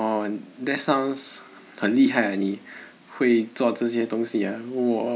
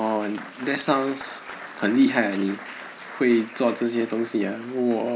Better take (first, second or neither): first